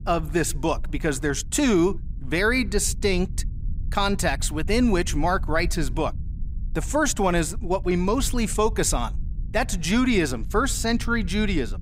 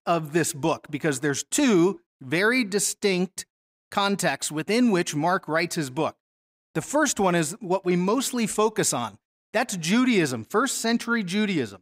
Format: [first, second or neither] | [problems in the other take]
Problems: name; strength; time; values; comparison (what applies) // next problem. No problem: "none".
second | low rumble; faint; throughout; 25 dB below the speech